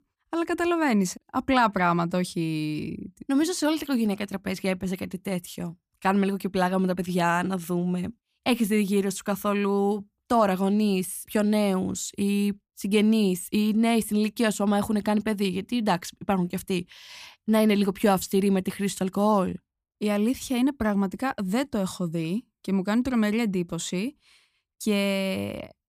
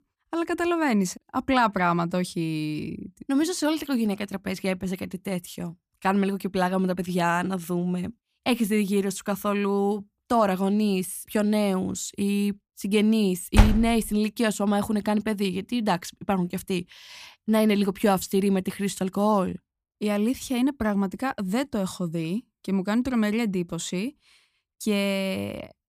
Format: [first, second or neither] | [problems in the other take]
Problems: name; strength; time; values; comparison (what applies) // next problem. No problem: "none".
first | door banging; loud; at 14 s; peak 3 dB above the speech